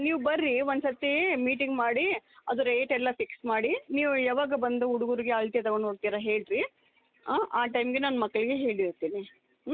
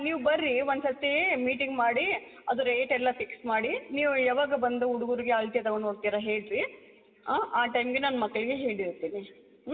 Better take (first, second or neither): first